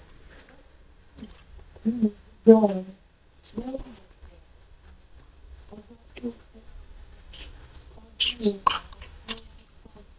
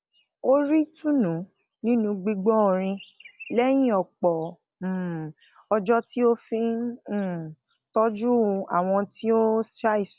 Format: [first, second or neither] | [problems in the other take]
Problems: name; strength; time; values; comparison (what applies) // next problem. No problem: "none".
second | noise reduction (neural mask model DeepFilterNet 3)